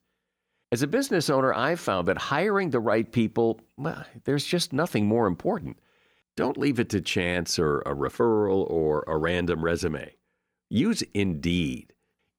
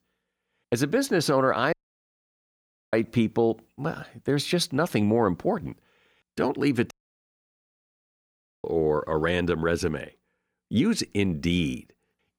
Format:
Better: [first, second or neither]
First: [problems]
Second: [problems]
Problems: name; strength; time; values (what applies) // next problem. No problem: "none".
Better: first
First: none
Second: audio cutting out; at 1.5 s for 1 s and at 7 s for 1.5 s